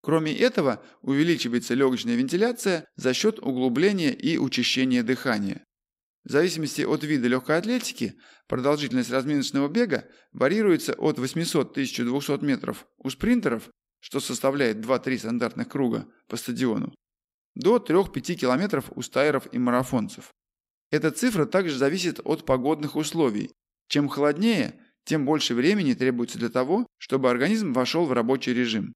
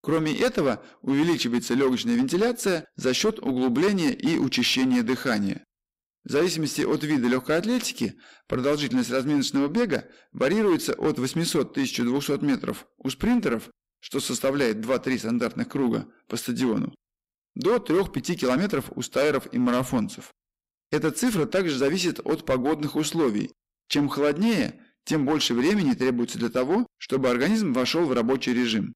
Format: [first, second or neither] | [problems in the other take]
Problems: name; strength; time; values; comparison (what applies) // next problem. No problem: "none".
first | distortion; slight; 8% of the sound clipped